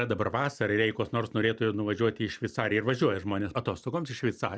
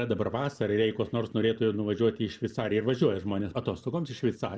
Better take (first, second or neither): first